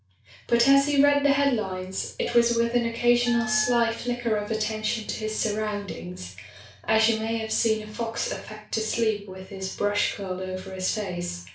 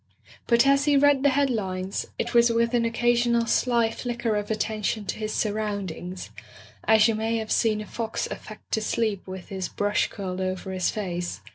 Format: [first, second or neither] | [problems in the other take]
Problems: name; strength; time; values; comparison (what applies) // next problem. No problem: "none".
second | background sound (Wind instrument, woodwind instrument); 10 dB below the speech // room echo; dies away in 0.3 s